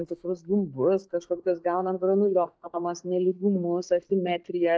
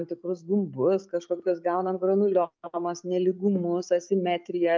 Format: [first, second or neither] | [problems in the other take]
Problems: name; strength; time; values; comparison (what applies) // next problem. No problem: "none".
second | noise reduction (neural mask model DeepFilterNet 3)